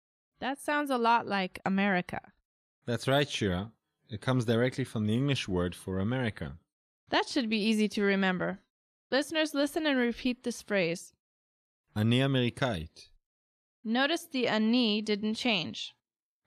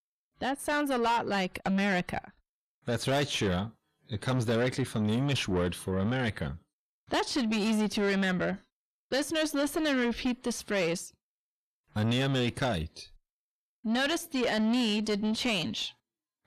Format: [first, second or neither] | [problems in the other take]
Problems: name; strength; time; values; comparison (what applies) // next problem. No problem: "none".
first | distortion; heavy; 6 dB below the speech